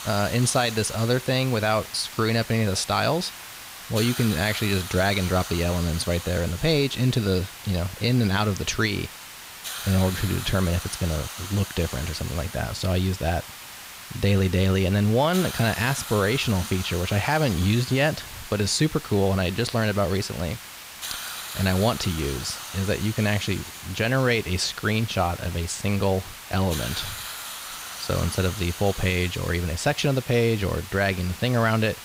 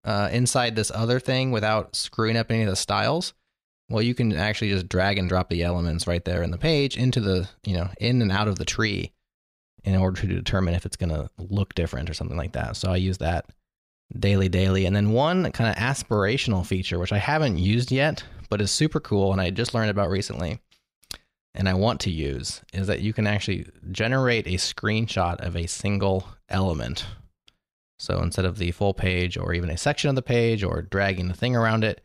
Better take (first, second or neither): second